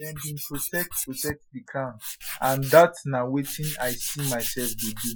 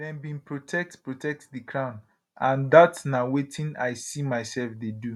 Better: second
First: noise reduction (classical method Wiener filter)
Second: none

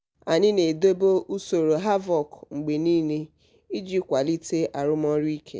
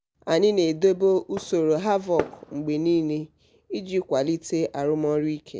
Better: first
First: none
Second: background sound (Fireworks); 15 dB below the speech

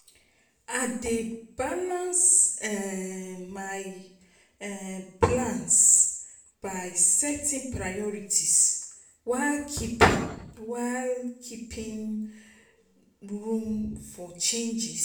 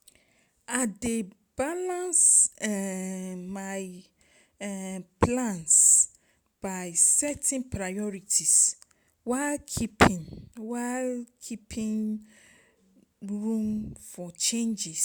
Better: second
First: room echo; dies away in 0.6 s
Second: none

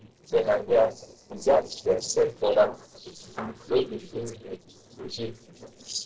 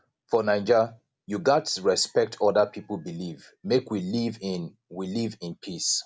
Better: second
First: noise reduction (neural separator model SepFormer DNS4)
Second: none

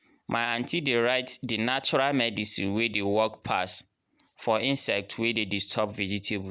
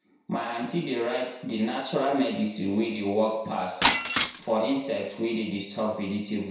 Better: first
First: none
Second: background sound (Shatter); 1 dB below the speech // room echo; dies away in 0.7 s

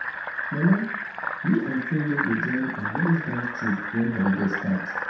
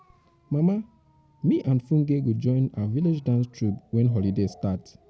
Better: second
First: background sound (Fill (with liquid)); 5 dB below the speech // room echo; dies away in 0.7 s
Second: none

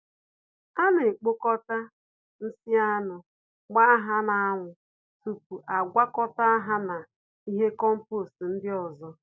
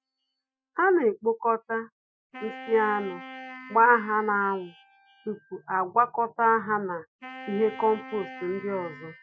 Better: first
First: none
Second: noise reduction (classical method Wiener filter)

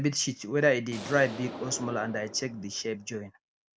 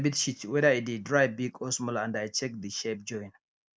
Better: second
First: background sound (Explosion); 13 dB below the speech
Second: none

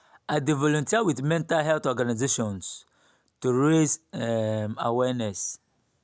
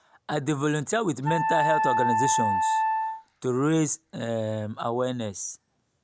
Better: first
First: none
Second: background sound (Wind instrument, woodwind instrument); 1 dB above the speech

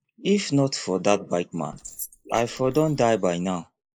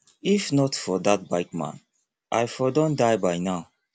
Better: second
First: noise reduction (neural mask model Resemble Enhance denoiser)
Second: none

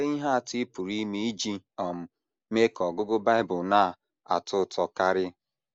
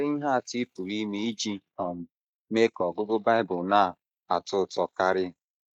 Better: first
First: none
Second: noise reduction (neural mask model Resemble Enhance denoiser)

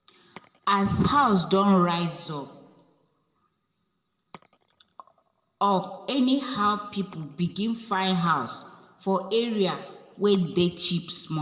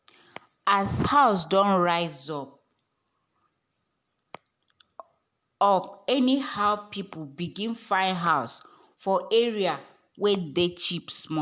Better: second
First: room echo; dies away in 1.3 s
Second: none

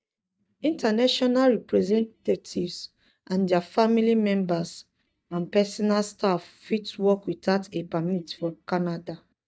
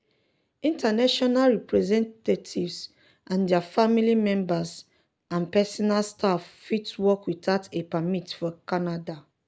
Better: second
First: noise reduction (neural mask model DeepFilterNet 3)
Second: none

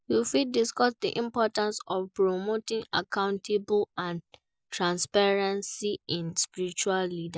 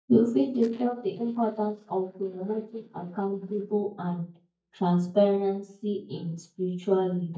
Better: first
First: none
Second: noise reduction (neural mask model DeepFilterNet 3)

